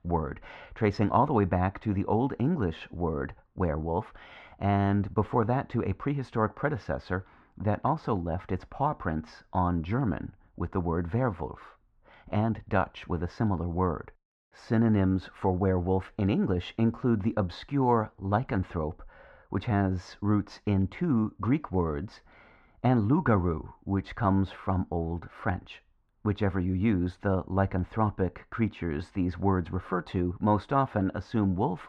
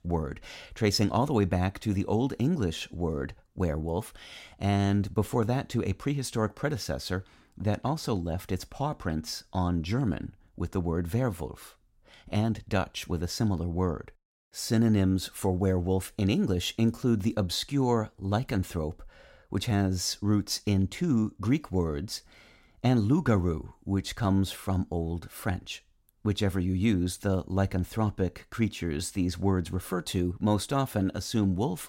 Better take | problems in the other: second | muffled; very; fading above 2 kHz

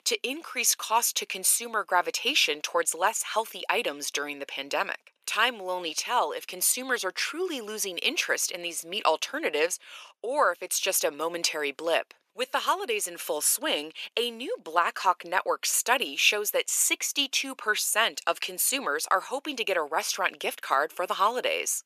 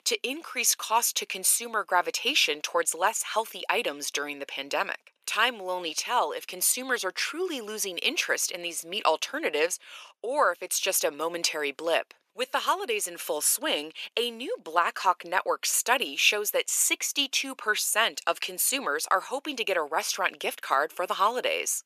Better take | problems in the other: neither | thin; very; fading below 450 Hz; the same in both

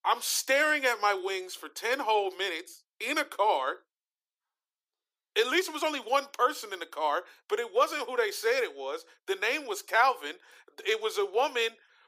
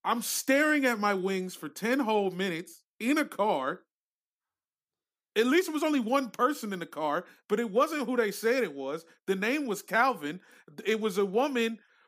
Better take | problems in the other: second | thin; very; fading below 350 Hz

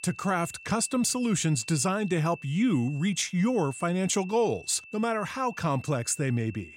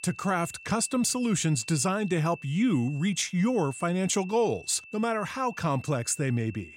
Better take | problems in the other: neither | high-pitched whine; noticeable; throughout; 2.5 kHz, 20 dB below the speech; the same in both

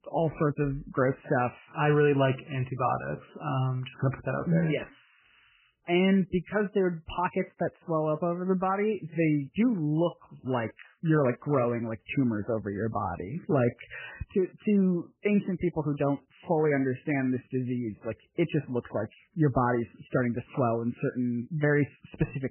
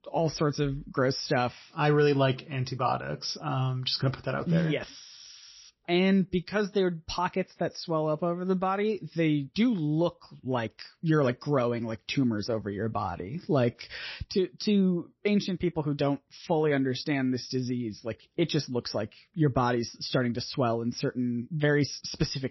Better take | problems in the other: second | garbled, watery; badly; nothing above 3 kHz; slightly in the second

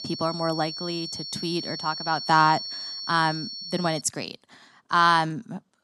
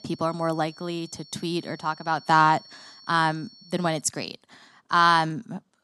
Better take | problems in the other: second | high-pitched whine; loud; until 4 s; 4.5 kHz, 8 dB below the speech; faint in the second

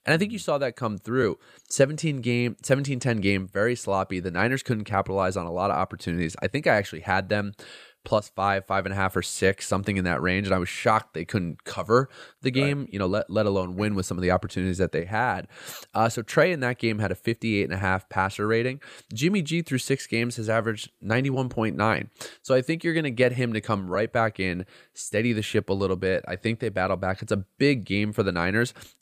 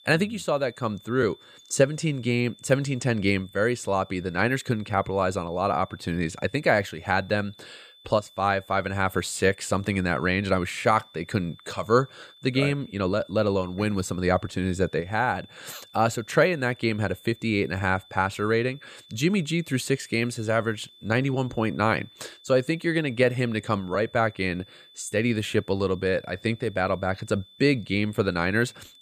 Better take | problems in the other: first | high-pitched whine; faint; throughout; 3.5 kHz, 25 dB below the speech

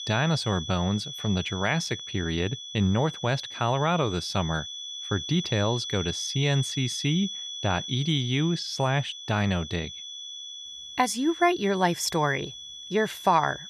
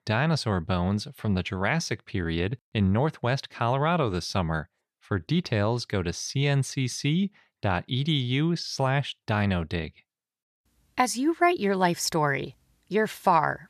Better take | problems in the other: second | high-pitched whine; loud; throughout; 3.5 kHz, 8 dB below the speech

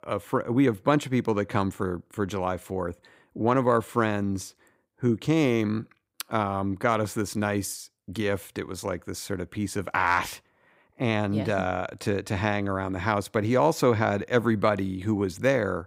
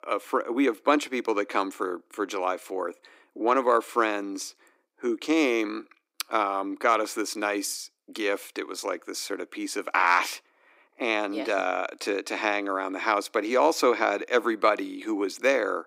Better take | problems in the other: first | thin; somewhat; fading below 300 Hz

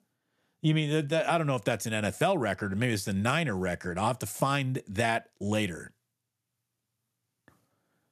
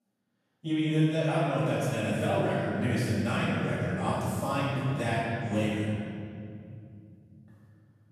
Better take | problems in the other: first | off-mic speech; far // room echo; strong; dies away in 3 s

